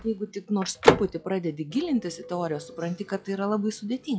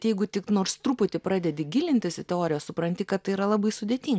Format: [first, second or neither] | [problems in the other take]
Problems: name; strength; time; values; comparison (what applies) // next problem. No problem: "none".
second | noise reduction (classical method log-MMSE)